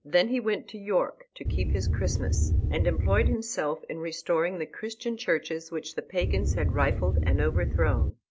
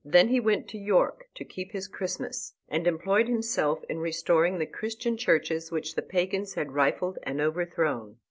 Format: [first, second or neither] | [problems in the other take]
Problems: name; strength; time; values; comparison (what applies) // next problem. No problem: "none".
second | background sound (Wind); 5 dB above the speech